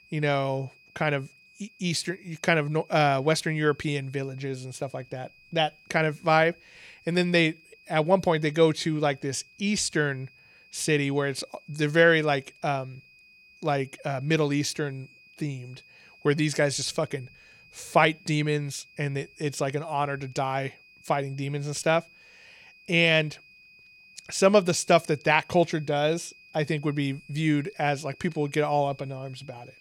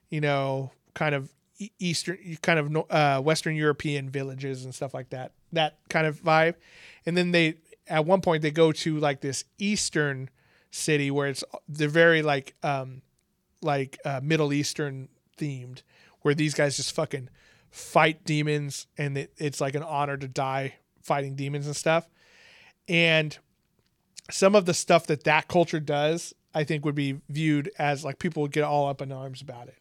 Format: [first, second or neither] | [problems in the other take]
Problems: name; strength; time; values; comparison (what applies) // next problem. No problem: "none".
second | high-pitched whine; faint; throughout; 2.5 kHz, 25 dB below the speech